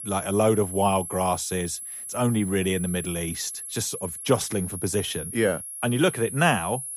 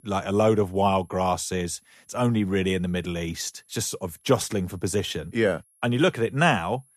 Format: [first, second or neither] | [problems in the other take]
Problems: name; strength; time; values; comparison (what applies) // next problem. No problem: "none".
second | high-pitched whine; loud; throughout; 11 kHz, 8 dB below the speech; faint in the second